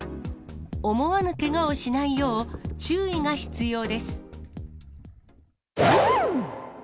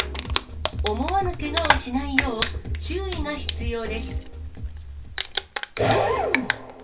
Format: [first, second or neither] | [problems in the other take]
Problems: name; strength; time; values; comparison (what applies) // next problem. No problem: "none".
first | background sound (Crumpling, crinkling); 4 dB below the speech // room echo; dies away in 0.2 s